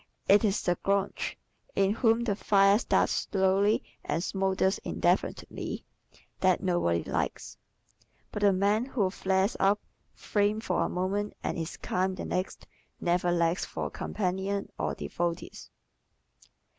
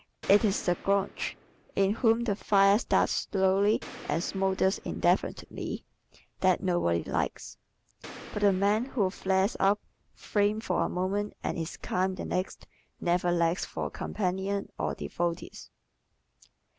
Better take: first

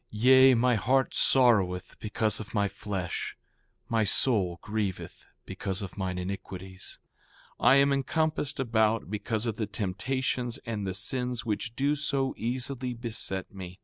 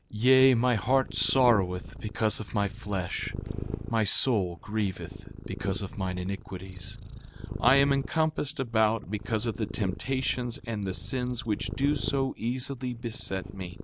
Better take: first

